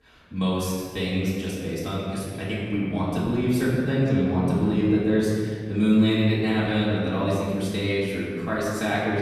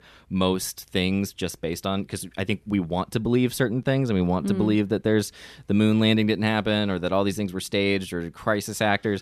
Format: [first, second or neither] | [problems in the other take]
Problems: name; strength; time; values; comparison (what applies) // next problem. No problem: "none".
second | room echo; strong; dies away in 1.7 s // off-mic speech; far